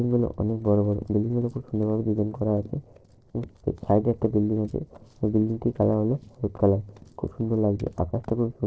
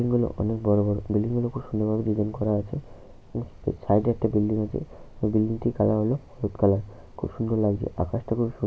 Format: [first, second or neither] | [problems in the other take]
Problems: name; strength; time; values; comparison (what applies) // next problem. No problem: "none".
second | noise reduction (neural separator model SepFormer DNS4)